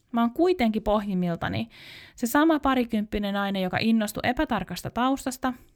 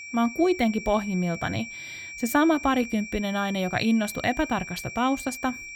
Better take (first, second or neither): first